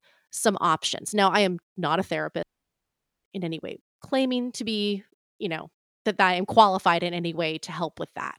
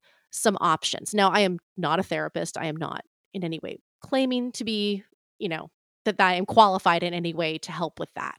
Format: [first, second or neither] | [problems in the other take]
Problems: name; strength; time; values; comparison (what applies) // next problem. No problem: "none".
second | audio cutting out; at 2.5 s for 1 s